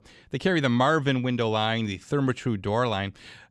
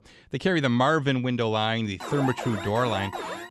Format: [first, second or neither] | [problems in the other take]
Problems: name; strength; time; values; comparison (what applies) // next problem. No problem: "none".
first | alarm; noticeable; from 2 s on; peak 7 dB below the speech